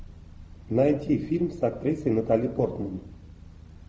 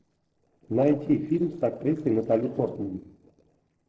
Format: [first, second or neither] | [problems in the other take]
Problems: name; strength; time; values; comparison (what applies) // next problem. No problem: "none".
first | noise reduction (neural separator model SepFormer DNS4)